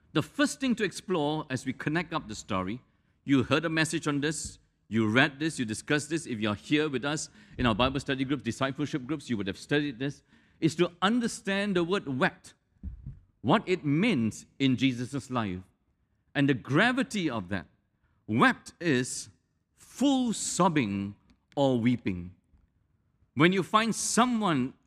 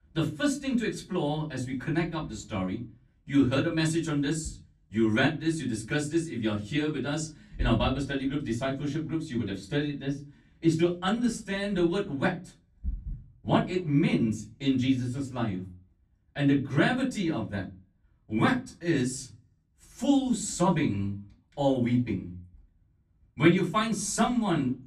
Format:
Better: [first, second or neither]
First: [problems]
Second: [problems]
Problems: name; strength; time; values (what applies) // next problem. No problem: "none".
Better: first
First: none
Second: off-mic speech; far // room echo; very slight; dies away in 0.3 s